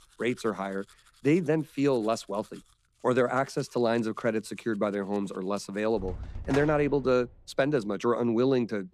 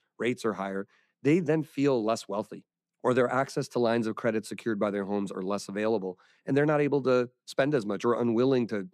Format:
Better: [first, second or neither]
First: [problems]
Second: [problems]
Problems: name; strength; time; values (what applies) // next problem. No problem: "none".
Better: second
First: household noises; noticeable; throughout; 20 dB below the speech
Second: none